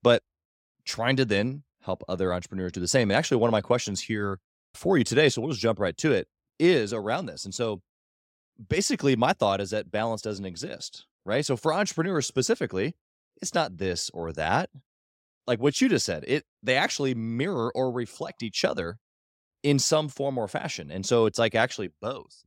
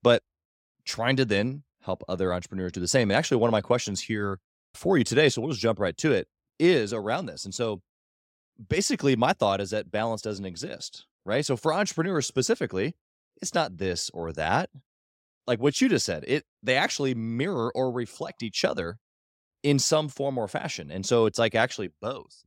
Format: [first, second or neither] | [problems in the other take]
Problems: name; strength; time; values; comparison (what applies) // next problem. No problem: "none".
neither | none